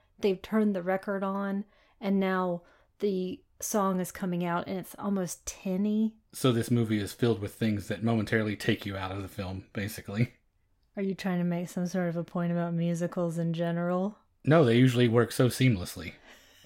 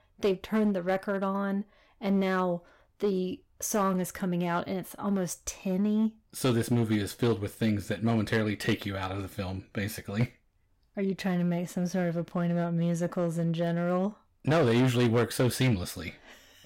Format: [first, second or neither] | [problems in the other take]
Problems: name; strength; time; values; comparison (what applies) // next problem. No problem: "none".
first | distortion; slight; 6% of the sound clipped